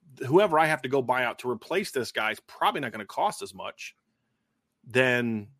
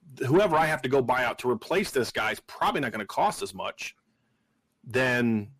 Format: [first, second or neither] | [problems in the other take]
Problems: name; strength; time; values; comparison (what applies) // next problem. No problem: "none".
first | distortion; heavy; 7 dB below the speech